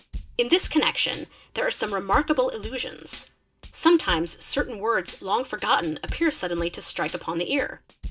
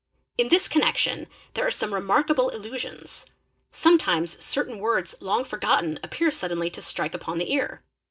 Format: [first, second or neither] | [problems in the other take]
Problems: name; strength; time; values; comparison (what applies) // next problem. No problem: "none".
second | background sound (Tambourine / Drum / Drum kit); 14 dB below the speech